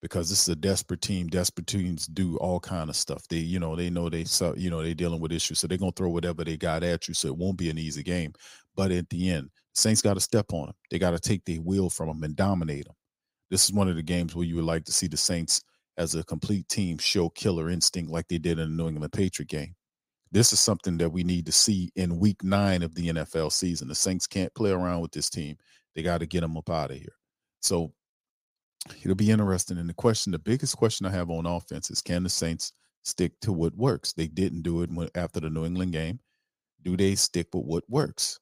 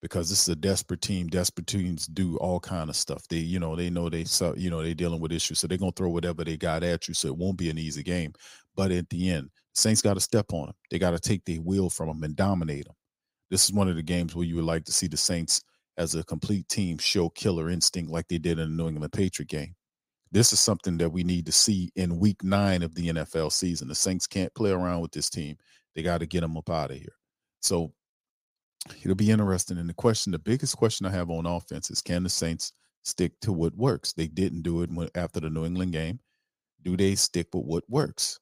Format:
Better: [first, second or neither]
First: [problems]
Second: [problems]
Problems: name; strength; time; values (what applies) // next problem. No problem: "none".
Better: neither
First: none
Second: none